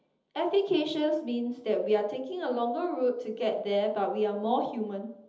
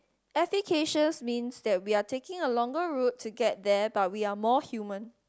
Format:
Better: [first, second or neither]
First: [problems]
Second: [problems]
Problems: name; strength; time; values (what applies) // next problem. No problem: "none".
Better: second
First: room echo; dies away in 1.2 s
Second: none